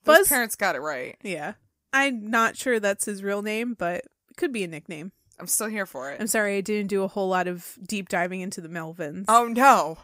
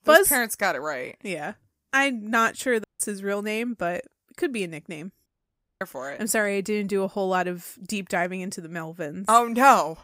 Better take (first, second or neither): first